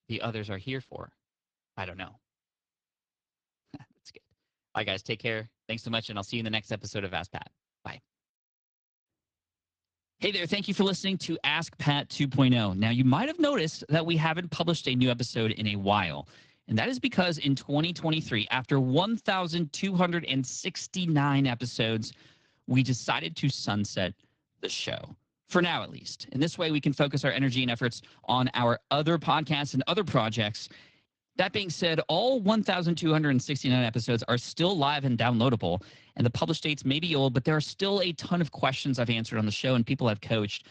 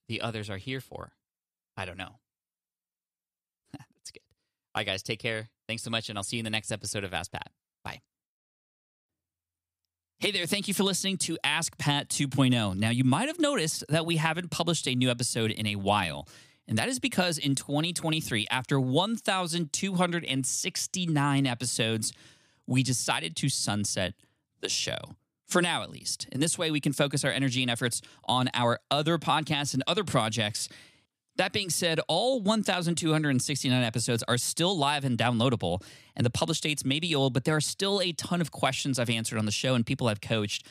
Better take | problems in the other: second | garbled, watery; slightly

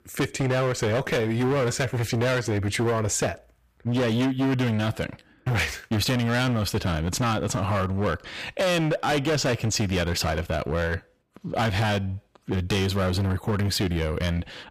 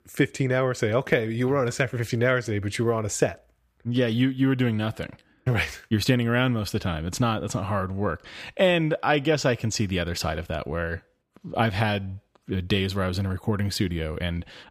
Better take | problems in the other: second | distortion; heavy; 21% of the sound clipped

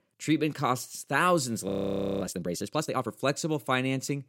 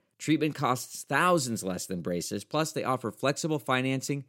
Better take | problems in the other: second | audio freezing; at 1.5 s for 0.5 s

